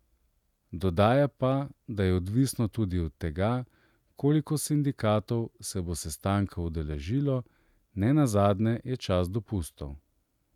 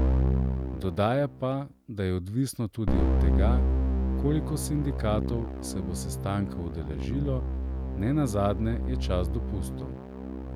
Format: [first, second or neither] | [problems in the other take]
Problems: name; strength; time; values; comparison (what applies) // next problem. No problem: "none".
first | background sound (Keyboard (musical)); 2 dB above the speech